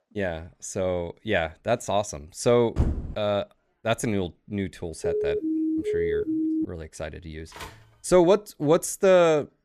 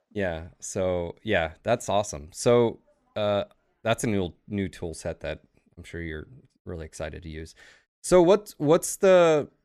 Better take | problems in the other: second | door banging; noticeable; at 3 s; peak 3 dB below the speech // siren; noticeable; from 5 to 6.5 s; peak 1 dB below the speech // phone ringing; faint; at 7.5 s; peak 15 dB below the speech

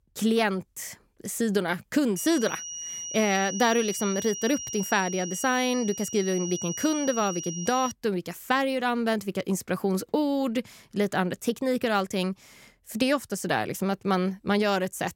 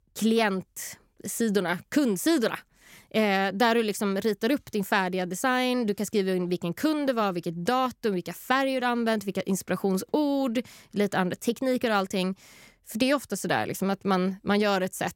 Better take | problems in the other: second | high-pitched whine; loud; from 2 to 8 s; 6 kHz, 7 dB below the speech

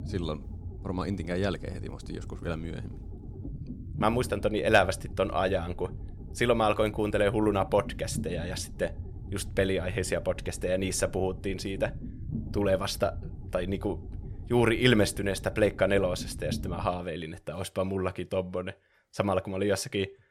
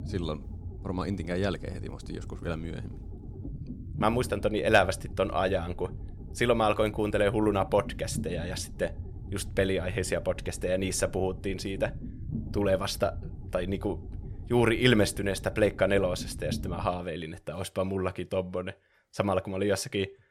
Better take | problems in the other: neither | low rumble; faint; until 17 s; 20 dB below the speech; the same in both

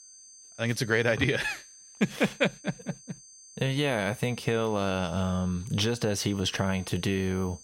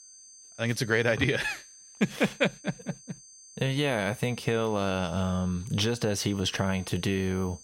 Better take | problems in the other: neither | high-pitched whine; faint; throughout; 6.5 kHz, 20 dB below the speech; the same in both

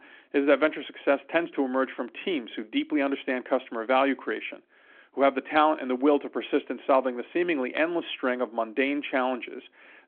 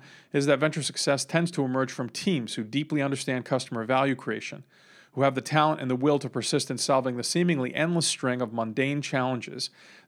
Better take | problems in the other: second | phone-call audio

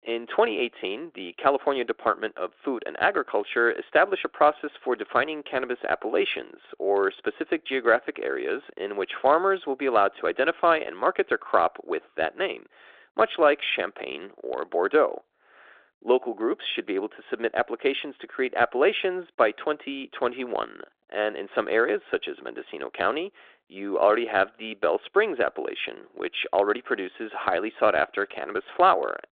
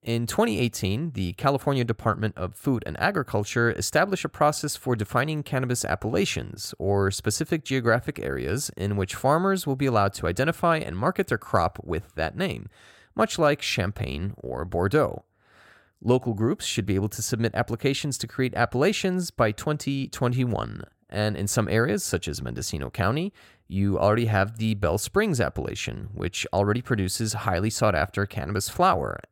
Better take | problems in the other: second | phone-call audio; nothing above 3.5 kHz

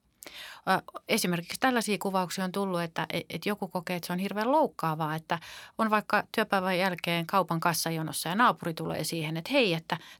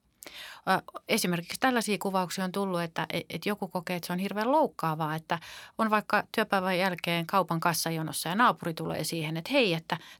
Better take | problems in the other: neither | none

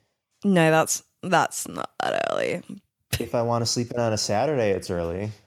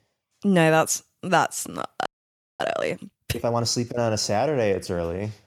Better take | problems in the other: first | audio freezing; at 2 s for 0.5 s

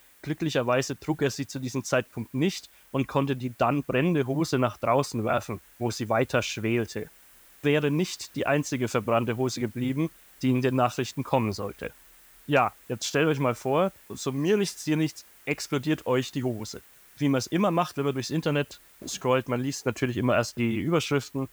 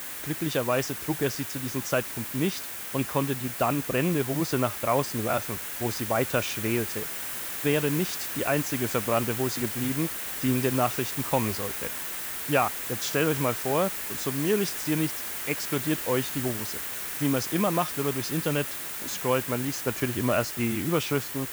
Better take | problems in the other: first | hiss; loud; throughout; 3 dB below the speech; faint in the first

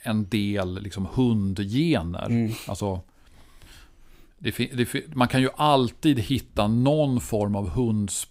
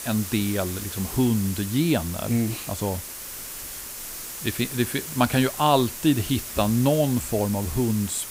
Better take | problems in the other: first | hiss; loud; throughout; 9 dB below the speech

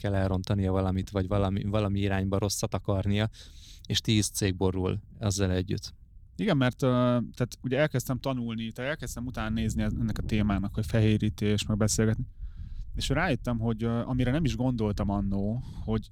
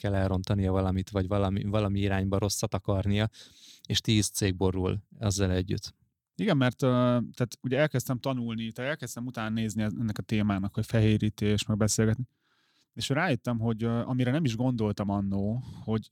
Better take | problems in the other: second | wind noise on the microphone; occasional gusts; 25 dB below the speech

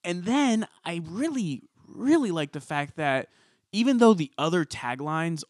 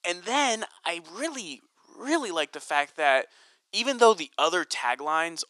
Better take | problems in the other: first | thin; very; fading below 500 Hz

